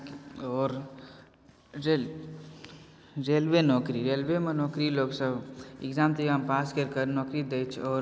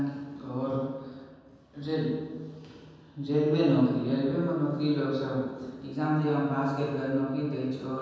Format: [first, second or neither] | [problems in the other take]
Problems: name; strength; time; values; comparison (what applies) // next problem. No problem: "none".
first | room echo; dies away in 1.2 s